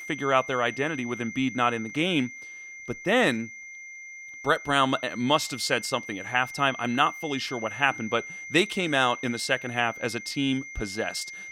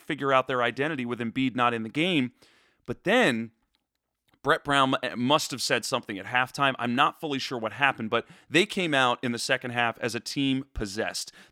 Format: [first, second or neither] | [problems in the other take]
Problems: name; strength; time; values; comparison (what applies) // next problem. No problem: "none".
second | high-pitched whine; noticeable; throughout; 2 kHz, 10 dB below the speech